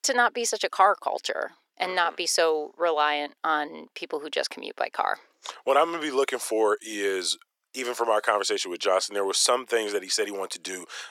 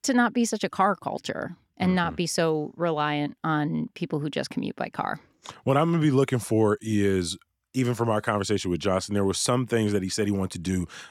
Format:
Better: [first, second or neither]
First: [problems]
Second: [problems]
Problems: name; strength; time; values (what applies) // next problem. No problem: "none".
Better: second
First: thin; very; fading below 450 Hz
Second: none